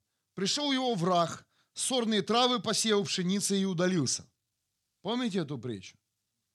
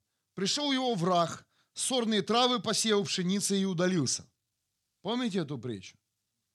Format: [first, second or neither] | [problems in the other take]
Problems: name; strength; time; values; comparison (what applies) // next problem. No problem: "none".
neither | none